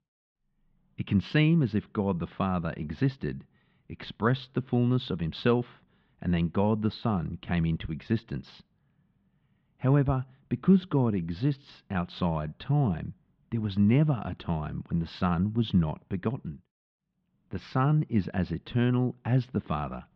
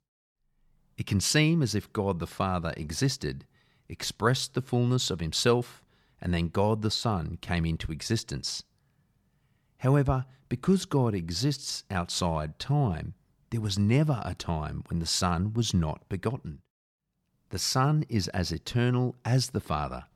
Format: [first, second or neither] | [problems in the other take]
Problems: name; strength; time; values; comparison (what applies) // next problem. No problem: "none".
second | muffled; very; fading above 3.5 kHz